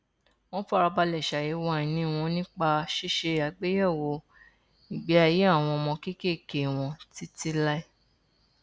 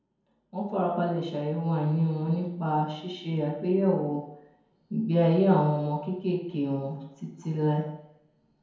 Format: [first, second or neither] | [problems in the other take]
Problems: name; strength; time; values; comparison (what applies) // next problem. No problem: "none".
first | room echo; dies away in 0.9 s